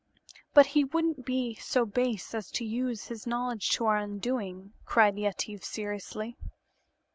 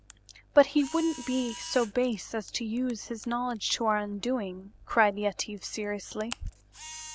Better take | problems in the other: first | background sound (Camera); 18 dB below the speech

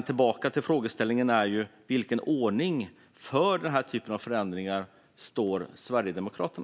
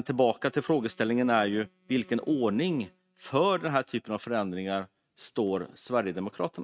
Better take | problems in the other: first | noise reduction (neural mask model RNNoise)

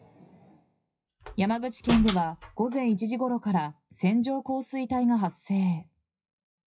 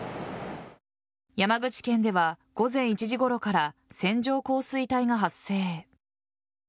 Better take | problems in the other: second | noise reduction (classical method WPE with log-MMSE)

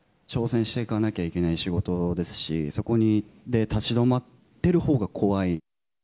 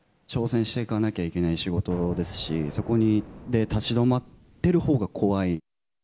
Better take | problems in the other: first | background sound (Explosion); 17 dB below the speech

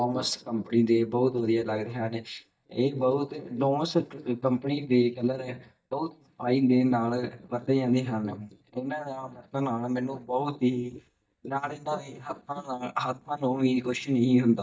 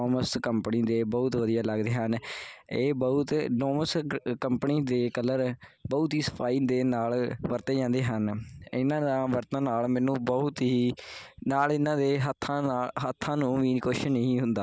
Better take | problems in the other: second | noise reduction (neural mask model DeepFilterNet 3)

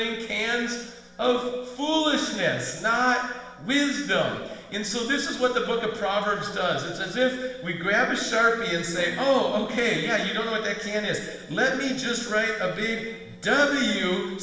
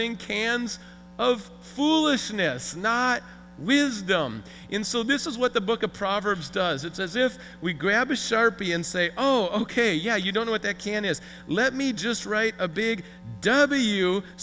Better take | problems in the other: second | noise reduction (neural separator model SepFormer DNS4)

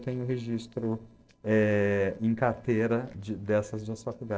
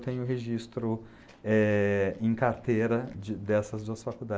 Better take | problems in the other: second | noise reduction (neural separator model SepFormer DNS4)

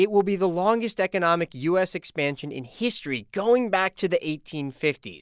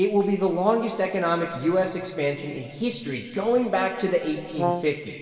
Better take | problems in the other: first | background sound (Brass instrument); 4 dB below the speech // room echo; dies away in 2.3 s

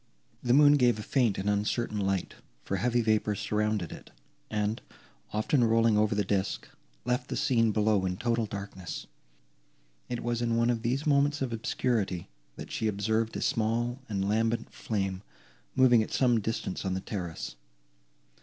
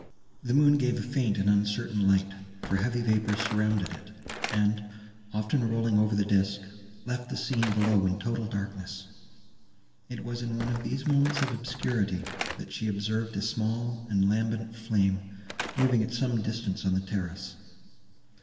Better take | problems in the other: first | background sound (Slam / Wood); 15 dB below the speech // room echo; dies away in 2.2 s

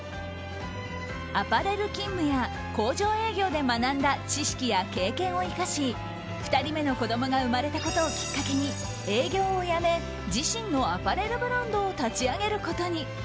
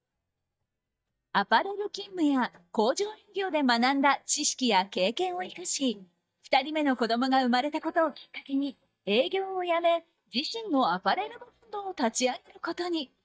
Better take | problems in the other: first | noise reduction (neural mask model DeepFilterNet 3)

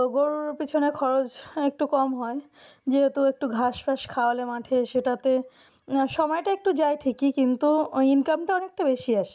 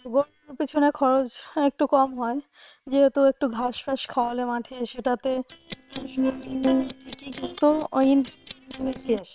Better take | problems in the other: first | noise reduction (neural separator model SepFormer WHAM!)

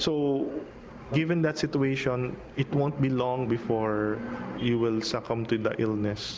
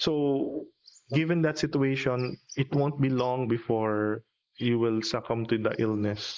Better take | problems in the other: first | noise reduction (neural mask model Resemble Enhance denoiser)

